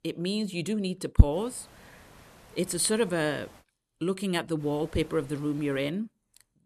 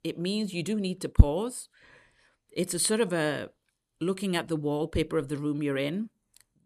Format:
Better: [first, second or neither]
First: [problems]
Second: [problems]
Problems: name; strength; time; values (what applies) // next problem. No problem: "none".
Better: second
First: hiss; faint; from 1.5 to 3.5 s and from 4.5 to 6 s; 25 dB below the speech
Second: none